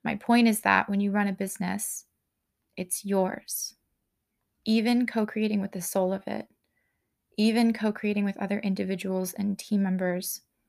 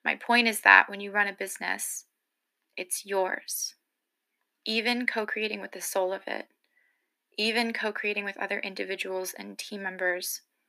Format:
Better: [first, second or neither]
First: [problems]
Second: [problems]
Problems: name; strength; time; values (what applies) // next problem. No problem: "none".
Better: first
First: none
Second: thin; very; fading below 250 Hz